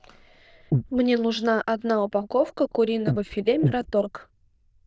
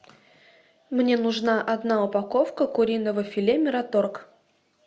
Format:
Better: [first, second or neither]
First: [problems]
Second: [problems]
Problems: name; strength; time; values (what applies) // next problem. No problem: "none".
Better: second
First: noise reduction (neural diffusion model UNIVERSE++)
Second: none